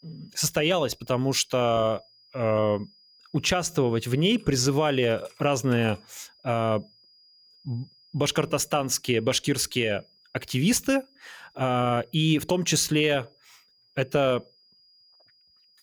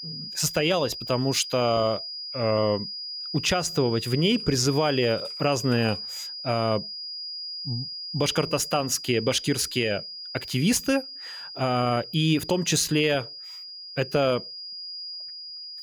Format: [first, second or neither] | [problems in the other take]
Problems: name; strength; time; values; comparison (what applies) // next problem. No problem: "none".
first | high-pitched whine; loud; throughout; 5 kHz, 9 dB below the speech; faint in the first